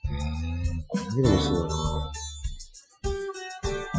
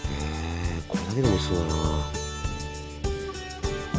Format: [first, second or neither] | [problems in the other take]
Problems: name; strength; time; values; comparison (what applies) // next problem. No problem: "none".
second | noise reduction (classical method Wiener filter)